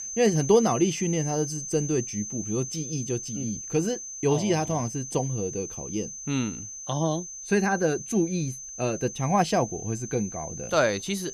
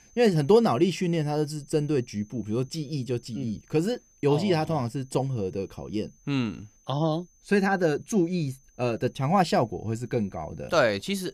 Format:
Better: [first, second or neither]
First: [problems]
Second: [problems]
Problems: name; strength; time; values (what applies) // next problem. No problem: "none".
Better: second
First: high-pitched whine; loud; throughout; 6 kHz, 8 dB below the speech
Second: high-pitched whine; faint; throughout; 6 kHz, 30 dB below the speech